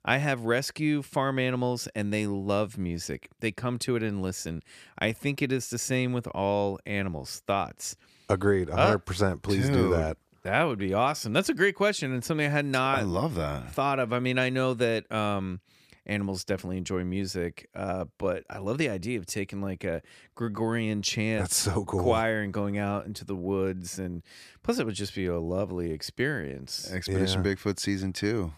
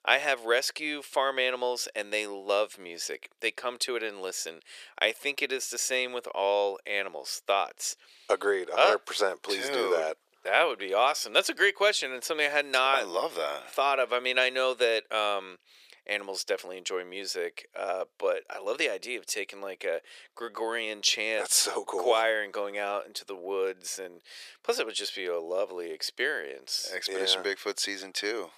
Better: first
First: none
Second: thin; very; fading below 450 Hz

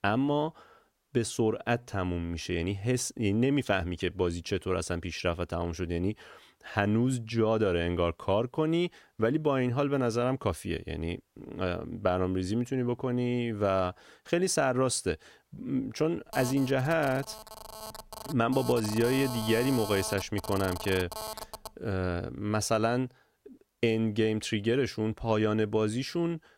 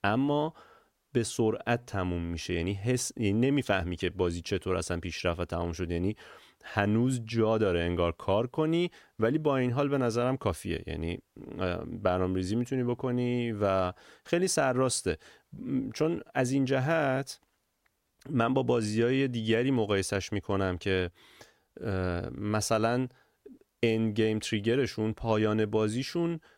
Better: second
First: phone ringing; noticeable; from 16 to 22 s; peak 7 dB below the speech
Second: none

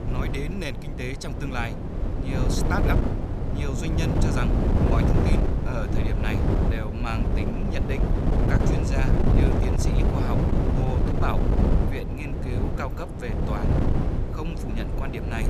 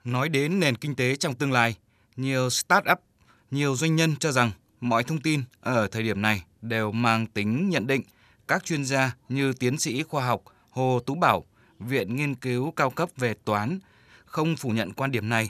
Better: second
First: wind noise on the microphone; heavy; 2 dB above the speech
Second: none

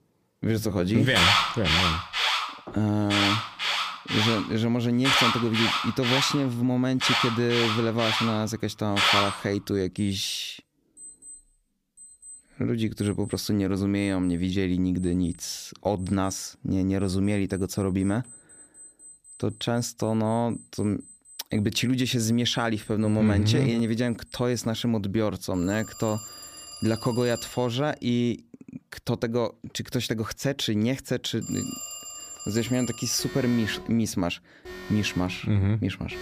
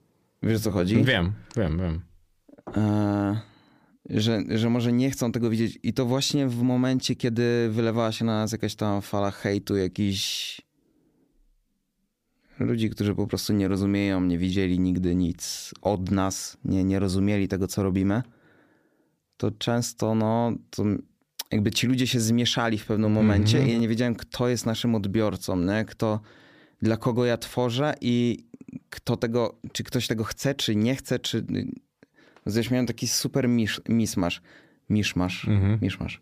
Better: second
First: alarms or sirens; very loud; throughout; as loud as the speech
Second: none

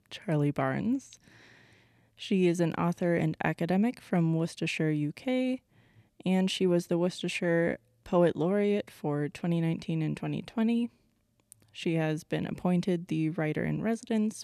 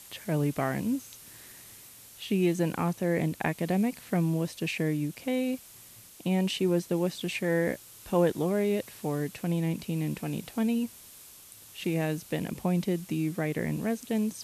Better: first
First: none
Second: hiss; noticeable; throughout; 20 dB below the speech

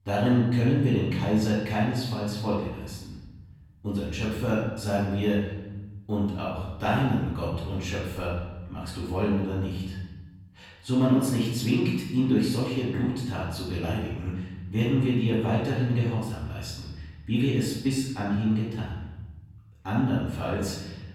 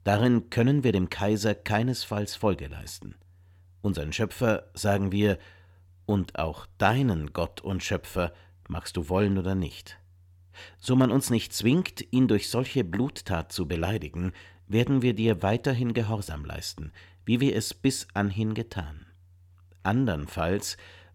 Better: second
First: off-mic speech; far // room echo; noticeable; dies away in 1.3 s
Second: none

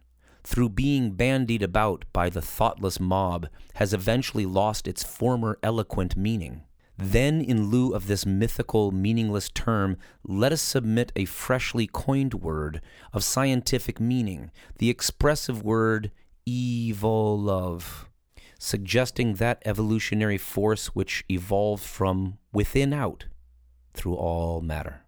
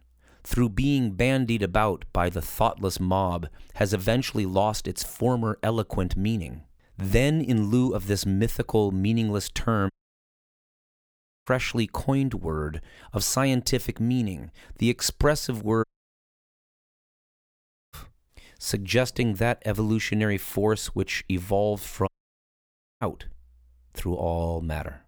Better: first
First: none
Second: audio cutting out; at 10 s for 1.5 s, at 16 s for 2 s and at 22 s for 1 s

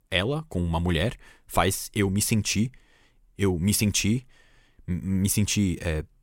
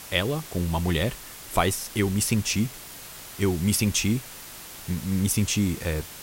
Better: first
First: none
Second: hiss; noticeable; throughout; 15 dB below the speech

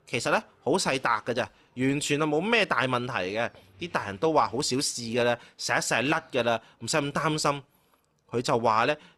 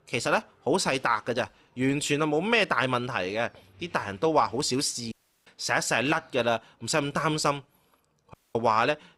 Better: first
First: none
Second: audio cutting out; at 5 s and at 8.5 s

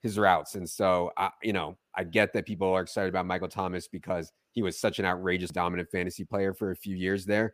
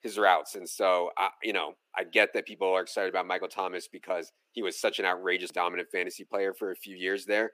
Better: first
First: none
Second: thin; somewhat; fading below 300 Hz

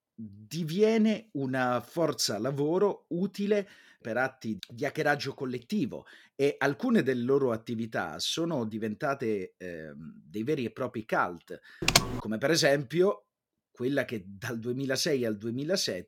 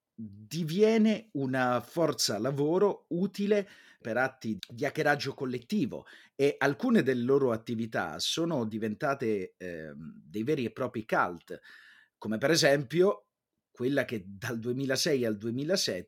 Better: second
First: keyboard typing; loud; at 12 s; peak 6 dB above the speech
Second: none

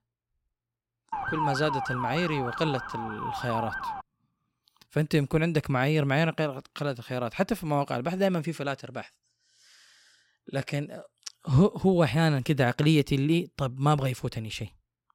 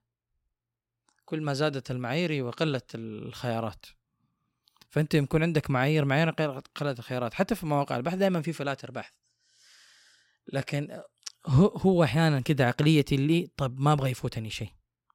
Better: second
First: siren; noticeable; from 1 to 4 s; peak 2 dB below the speech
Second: none

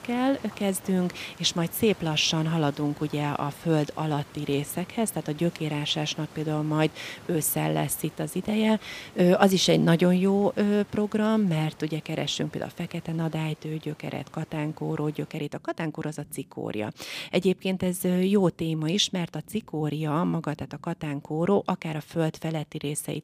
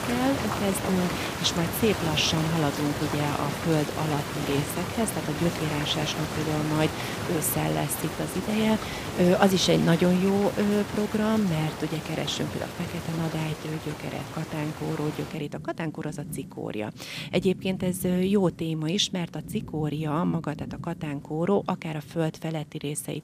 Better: first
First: rain or running water; faint; throughout; 20 dB below the speech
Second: rain or running water; loud; throughout; 6 dB below the speech

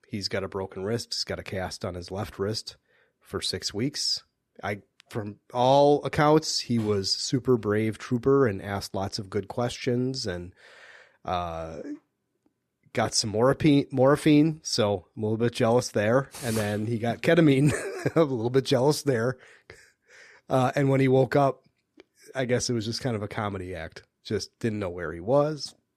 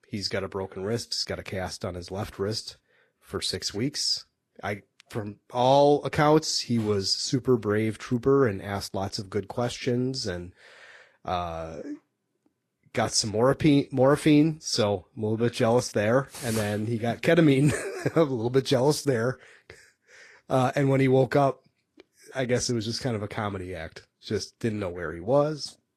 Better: first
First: none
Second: garbled, watery; slightly; nothing above 12.5 kHz

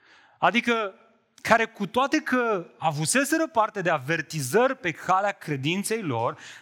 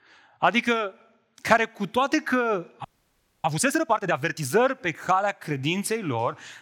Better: first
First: none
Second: audio freezing; at 3 s for 0.5 s

